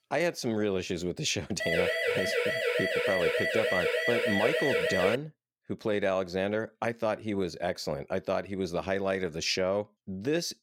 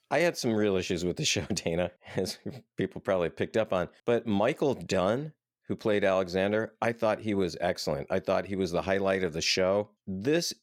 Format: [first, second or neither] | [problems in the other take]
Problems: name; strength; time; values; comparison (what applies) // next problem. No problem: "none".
second | siren; loud; from 1.5 to 5 s; peak 4 dB above the speech